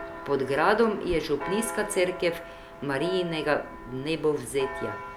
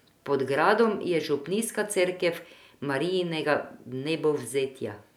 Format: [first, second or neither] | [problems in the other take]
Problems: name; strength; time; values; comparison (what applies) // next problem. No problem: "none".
second | background sound (Church bell); 11 dB below the speech